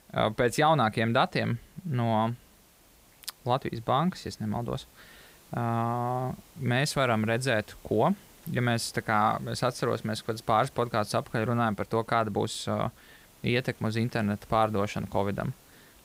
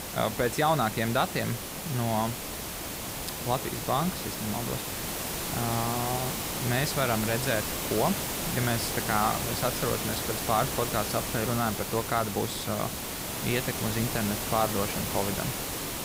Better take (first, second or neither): first